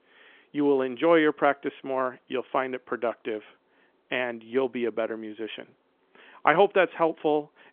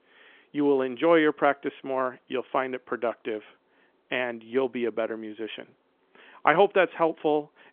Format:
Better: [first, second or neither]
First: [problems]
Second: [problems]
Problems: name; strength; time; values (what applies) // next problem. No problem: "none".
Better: neither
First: phone-call audio; nothing above 3.5 kHz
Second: phone-call audio; nothing above 3.5 kHz